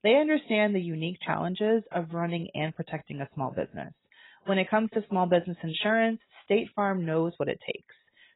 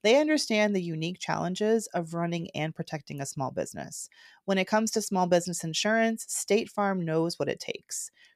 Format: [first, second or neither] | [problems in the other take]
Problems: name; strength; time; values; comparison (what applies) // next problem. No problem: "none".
second | garbled, watery; badly; nothing above 4 kHz